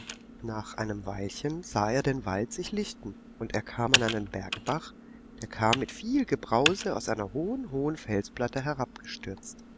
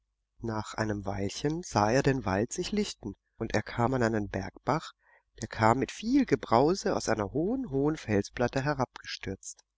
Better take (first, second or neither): second